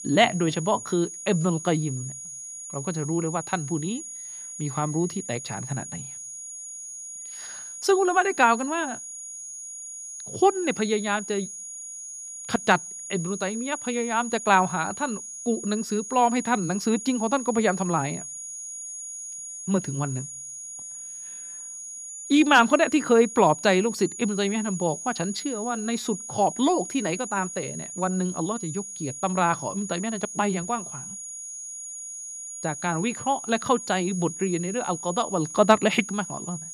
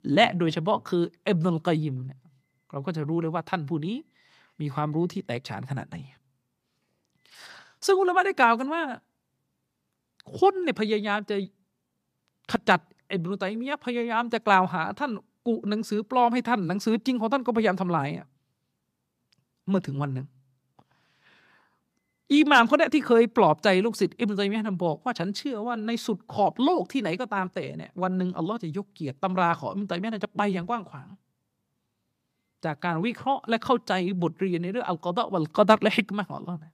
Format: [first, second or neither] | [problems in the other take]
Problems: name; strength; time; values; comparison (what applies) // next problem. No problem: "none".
second | high-pitched whine; loud; throughout; 6.5 kHz, 10 dB below the speech